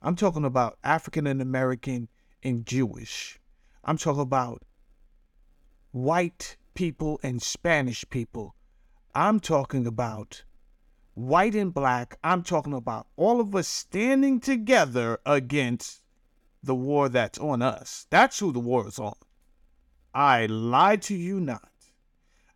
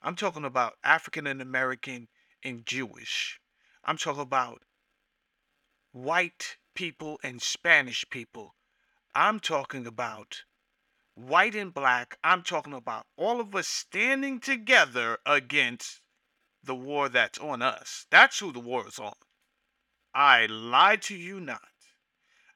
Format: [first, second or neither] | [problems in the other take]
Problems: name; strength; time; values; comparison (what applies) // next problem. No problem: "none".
first | thin; somewhat; fading below 1 kHz